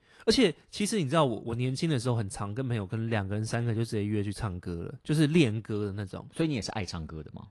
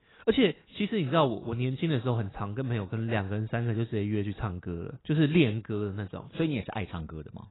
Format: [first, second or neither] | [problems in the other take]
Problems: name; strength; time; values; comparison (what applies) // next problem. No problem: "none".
first | garbled, watery; badly; nothing above 4 kHz; slightly in the first